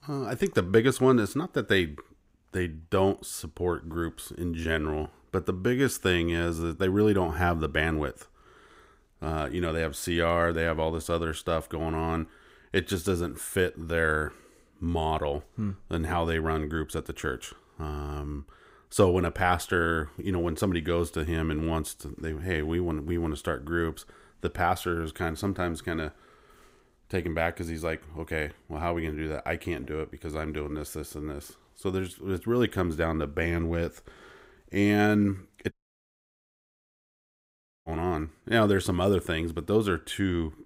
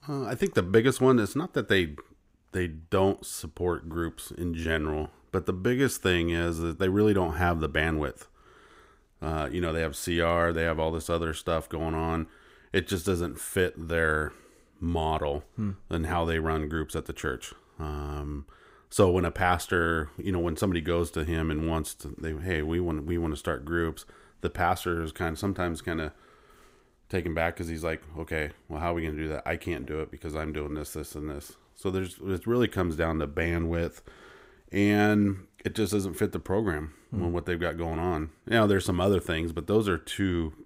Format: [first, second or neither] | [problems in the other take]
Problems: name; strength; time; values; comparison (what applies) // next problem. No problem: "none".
second | audio cutting out; at 36 s for 2 s